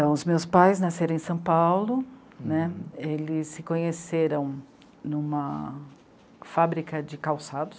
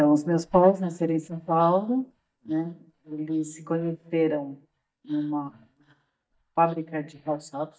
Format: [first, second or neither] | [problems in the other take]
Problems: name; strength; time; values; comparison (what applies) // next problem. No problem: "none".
first | noise reduction (neural mask model DeepFilterNet 3)